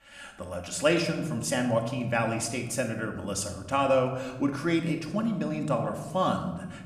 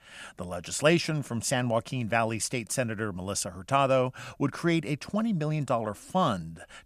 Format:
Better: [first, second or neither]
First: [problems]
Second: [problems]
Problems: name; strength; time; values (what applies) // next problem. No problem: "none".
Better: second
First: room echo; slight; dies away in 0.9 s // off-mic speech; somewhat distant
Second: none